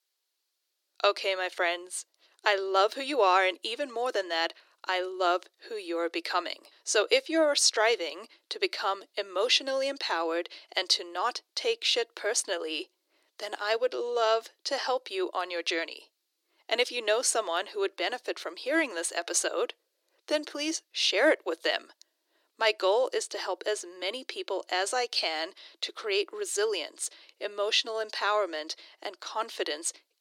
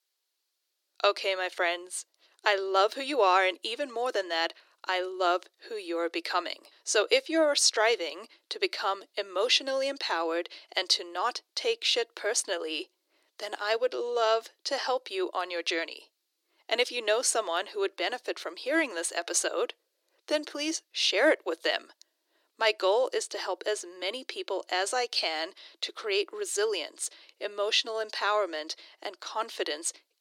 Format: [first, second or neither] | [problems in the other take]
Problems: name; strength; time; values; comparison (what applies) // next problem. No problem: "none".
neither | thin; very; fading below 350 Hz; the same in both